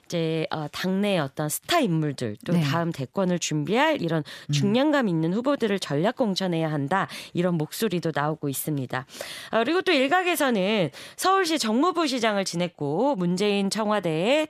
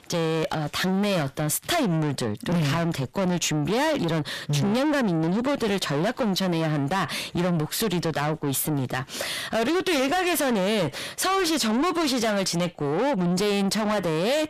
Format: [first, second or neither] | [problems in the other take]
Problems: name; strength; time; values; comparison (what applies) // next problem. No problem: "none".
first | distortion; heavy; 7 dB below the speech